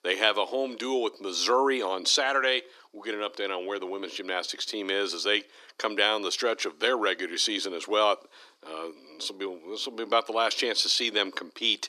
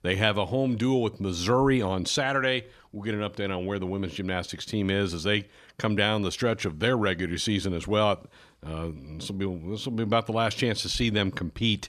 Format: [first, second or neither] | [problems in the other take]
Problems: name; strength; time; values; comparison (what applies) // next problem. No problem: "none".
second | thin; very; fading below 300 Hz